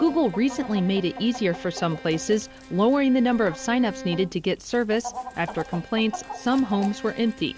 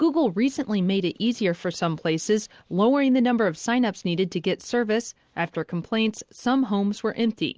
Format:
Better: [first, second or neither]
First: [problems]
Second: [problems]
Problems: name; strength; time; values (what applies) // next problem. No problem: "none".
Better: second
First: background sound (Bowed string instrument + Chicken, rooster); 14 dB below the speech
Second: none